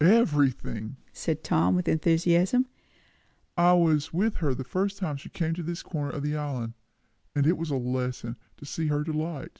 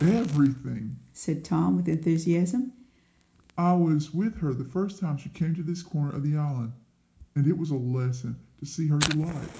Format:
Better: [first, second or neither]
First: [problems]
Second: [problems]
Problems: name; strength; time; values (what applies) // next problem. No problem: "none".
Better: first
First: none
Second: background sound (Fire); 17 dB below the speech // room echo; dies away in 0.4 s